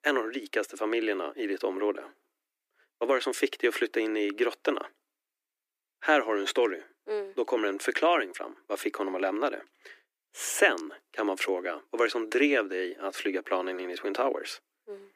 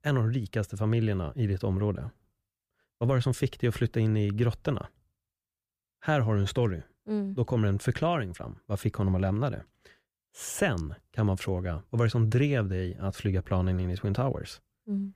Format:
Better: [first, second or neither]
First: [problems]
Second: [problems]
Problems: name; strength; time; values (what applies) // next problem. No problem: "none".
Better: second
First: thin; very; fading below 300 Hz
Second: none